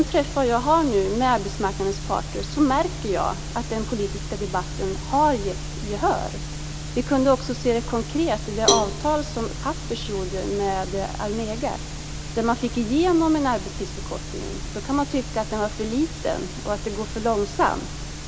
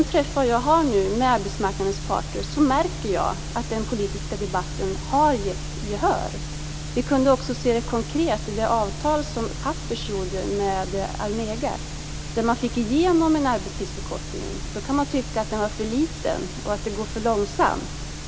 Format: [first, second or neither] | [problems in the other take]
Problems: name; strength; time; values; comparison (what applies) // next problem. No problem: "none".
second | background sound (Cowbell); 5 dB below the speech